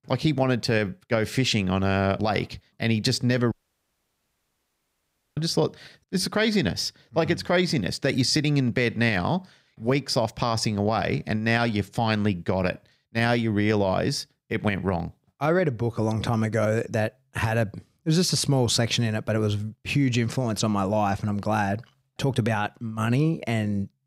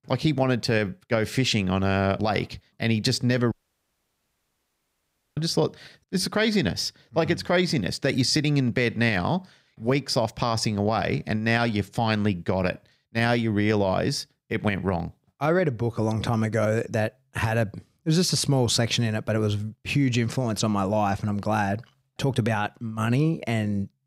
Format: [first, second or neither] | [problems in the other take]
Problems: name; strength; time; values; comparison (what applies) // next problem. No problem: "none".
neither | audio cutting out; at 3.5 s for 2 s; the same in both